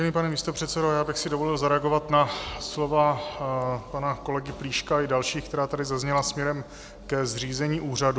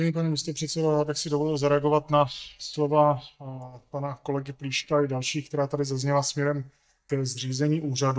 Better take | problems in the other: first | noise reduction (neural mask model DeepFilterNet 3)

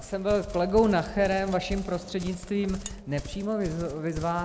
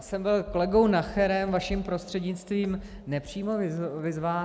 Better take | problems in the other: second | background sound (Livestock, farm animals, working animals); 14 dB below the speech

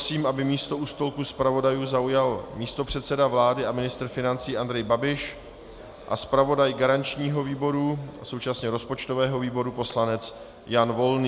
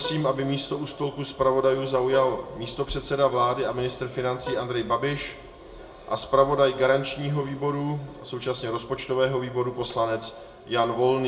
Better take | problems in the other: first | background sound (Plucked string instrument); 16 dB below the speech // room echo; dies away in 0.7 s

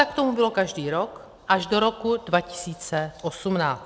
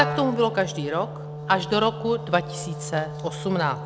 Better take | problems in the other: first | background sound (Wind instrument, woodwind instrument); 8 dB below the speech

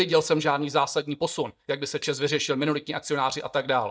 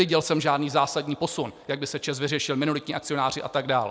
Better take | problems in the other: second | noise reduction (neural mask model DeepFilterNet 3)

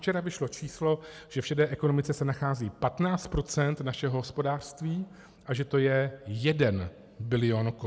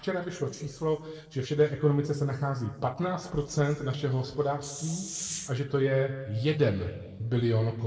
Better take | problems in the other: first | noise reduction (neural separator model SepFormer DNS4)

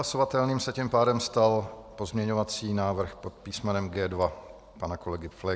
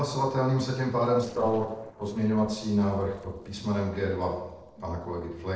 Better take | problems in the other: first | noise reduction (neural separator model SepFormer DNS4)

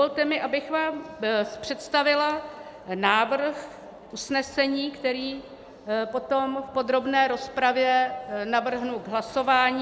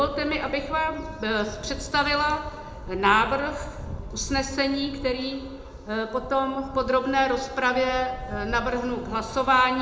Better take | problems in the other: first | background sound (Wind / Bird); 13 dB below the speech // room echo; dies away in 0.5 s

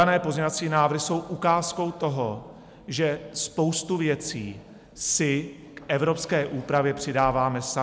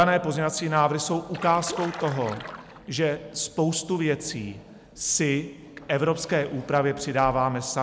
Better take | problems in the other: first | background sound (Stream); 12 dB below the speech

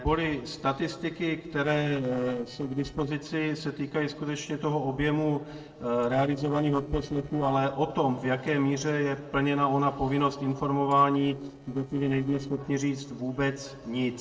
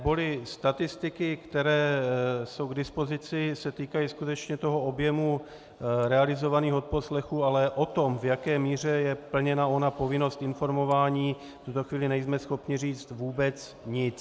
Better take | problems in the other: second | noise reduction (neural separator model SepFormer DNS4)

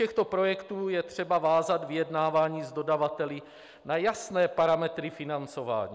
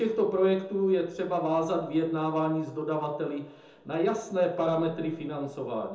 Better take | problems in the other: first | room echo; dies away in 0.5 s

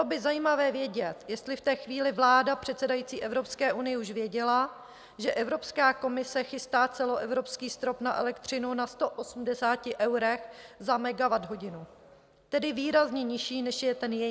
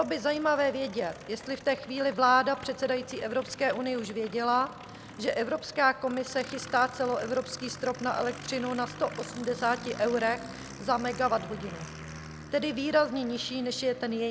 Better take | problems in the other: first | background sound (Aircraft); 15 dB below the speech

